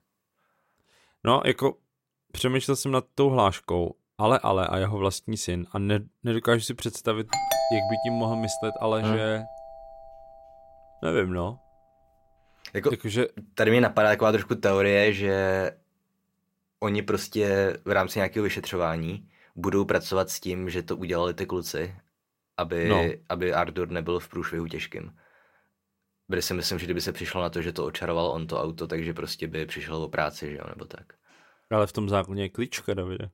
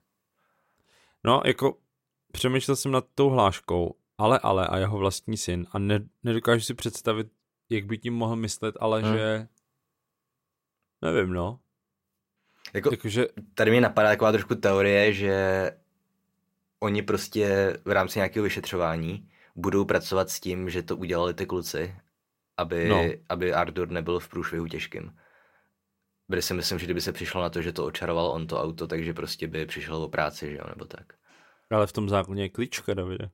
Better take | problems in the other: second | doorbell; loud; from 7.5 to 9.5 s; peak 2 dB above the speech

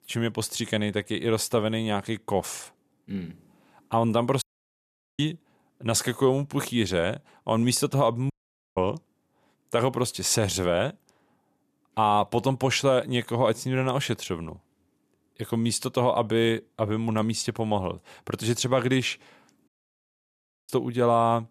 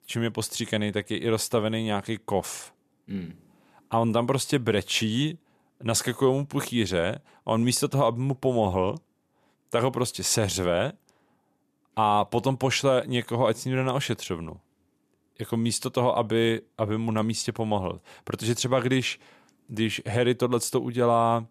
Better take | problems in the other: second | audio cutting out; at 4.5 s for 1 s, at 8.5 s and at 20 s for 1 s

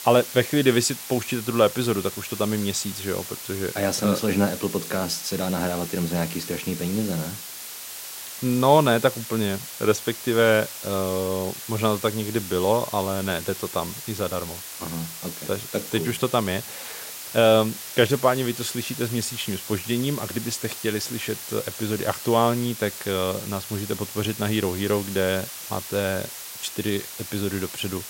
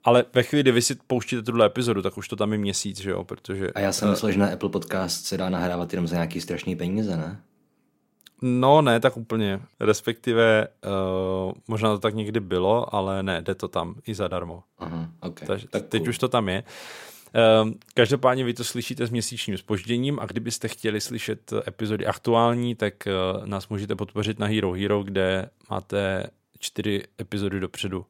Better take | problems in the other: second | hiss; loud; throughout; 9 dB below the speech

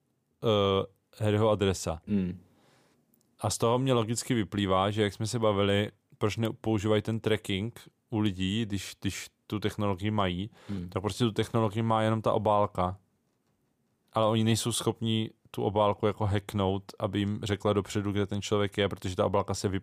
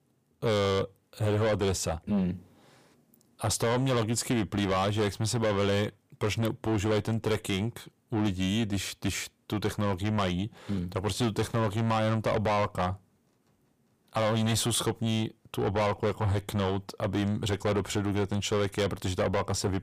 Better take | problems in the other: first | distortion; heavy; 6 dB below the speech

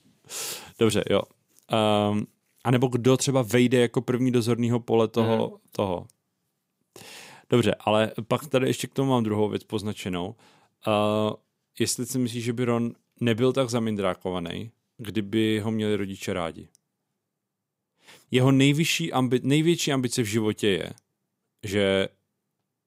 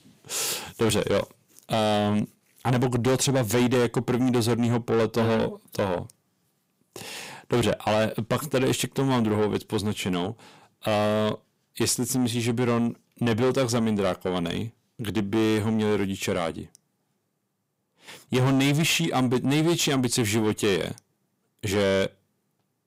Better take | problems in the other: first | distortion; heavy; 7 dB below the speech

